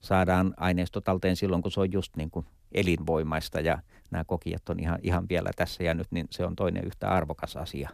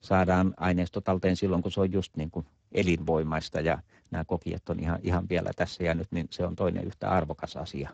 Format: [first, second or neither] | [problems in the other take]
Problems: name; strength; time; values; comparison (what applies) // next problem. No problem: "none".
first | garbled, watery; badly; nothing above 7.5 kHz